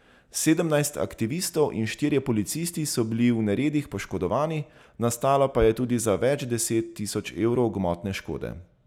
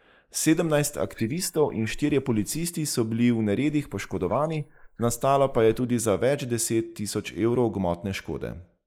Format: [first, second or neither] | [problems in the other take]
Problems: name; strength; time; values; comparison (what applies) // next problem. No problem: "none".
first | noise reduction (neural mask model Resemble Enhance denoiser)